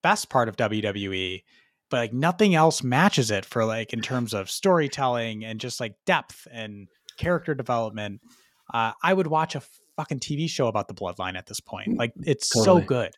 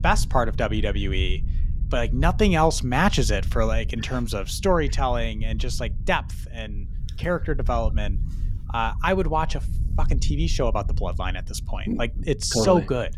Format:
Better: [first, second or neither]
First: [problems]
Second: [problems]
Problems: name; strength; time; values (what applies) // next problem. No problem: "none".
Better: first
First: none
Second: low rumble; faint; throughout; 20 dB below the speech